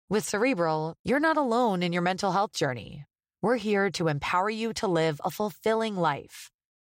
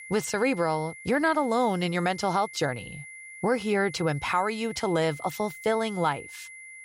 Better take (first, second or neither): first